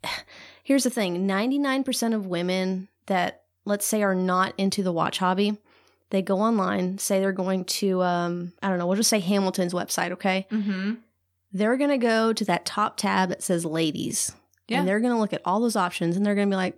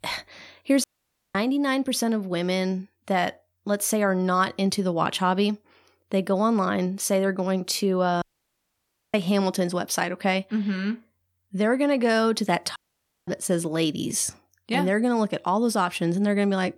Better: first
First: none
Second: audio cutting out; at 1 s for 0.5 s, at 8 s for 1 s and at 13 s for 0.5 s

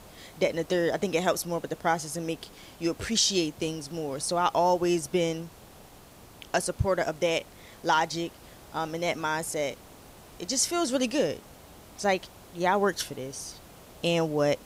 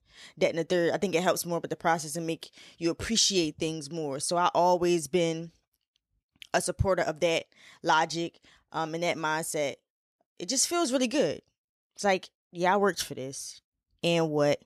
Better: second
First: hiss; faint; throughout; 20 dB below the speech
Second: none

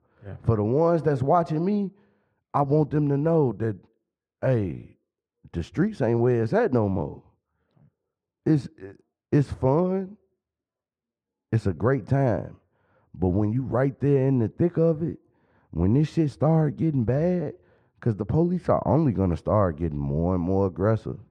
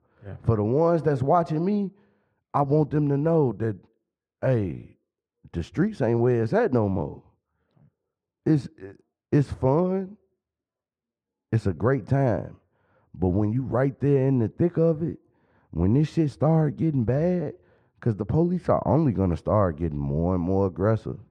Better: neither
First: muffled; very; fading above 3 kHz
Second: muffled; very; fading above 3 kHz

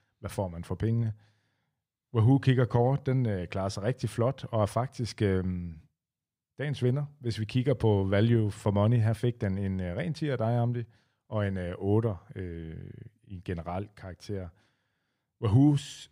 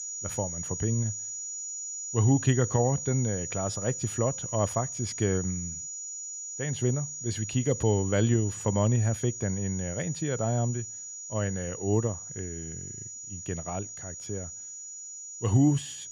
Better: first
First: none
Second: high-pitched whine; loud; throughout; 7 kHz, 7 dB below the speech

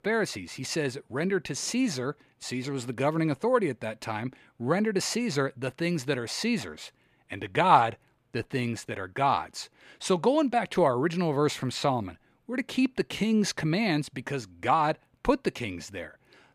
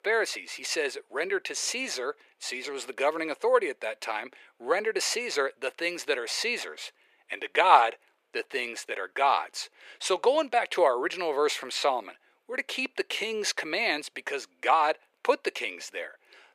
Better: first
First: none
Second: thin; very; fading below 450 Hz

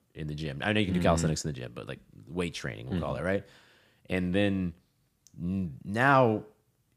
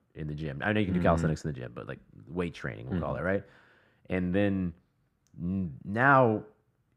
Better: first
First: none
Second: muffled; slightly; fading above 3 kHz

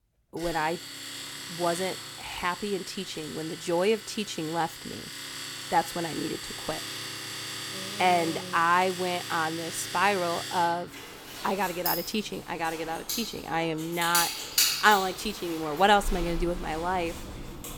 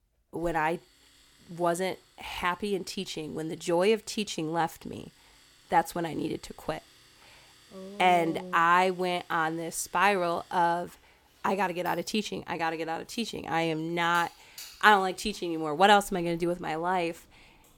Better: second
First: household noises; loud; throughout; 5 dB below the speech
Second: household noises; faint; throughout; 25 dB below the speech

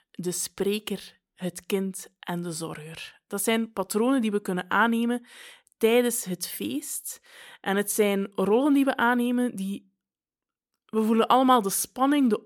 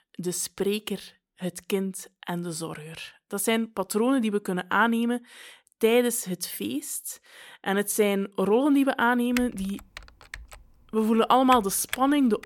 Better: first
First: none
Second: keyboard typing; noticeable; from 9.5 s on; peak 10 dB below the speech

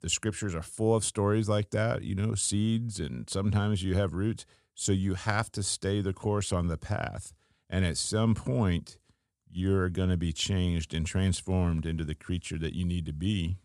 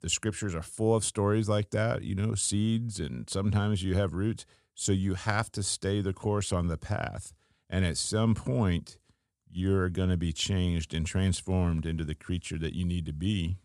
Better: neither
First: none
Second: none

